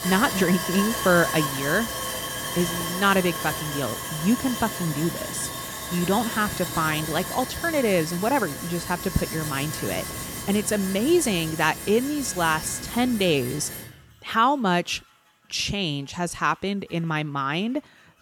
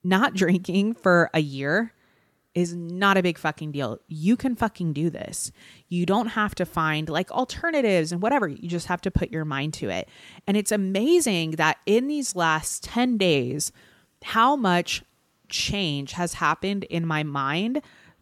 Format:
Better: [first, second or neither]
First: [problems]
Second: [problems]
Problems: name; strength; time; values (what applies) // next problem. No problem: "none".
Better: second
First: machinery noise; loud; throughout; 5 dB below the speech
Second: none